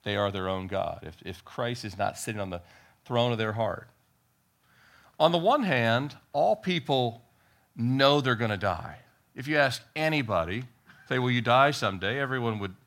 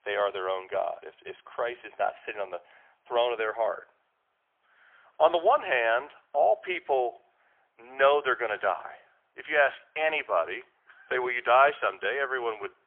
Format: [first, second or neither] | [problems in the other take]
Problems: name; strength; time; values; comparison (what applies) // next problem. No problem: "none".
first | phone-call audio; poor line; nothing above 3.5 kHz